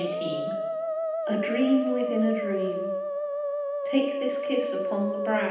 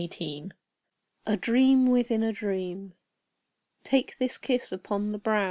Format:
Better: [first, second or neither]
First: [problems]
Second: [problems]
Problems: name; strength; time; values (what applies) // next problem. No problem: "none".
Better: second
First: background sound (Musical instrument); 1 dB below the speech // room echo; dies away in 0.9 s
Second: none